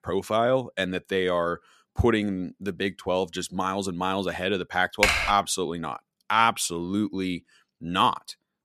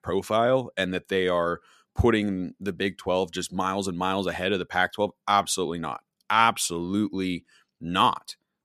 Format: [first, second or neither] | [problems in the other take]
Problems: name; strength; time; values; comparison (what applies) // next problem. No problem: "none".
second | keyboard typing; loud; at 5 s; peak 4 dB above the speech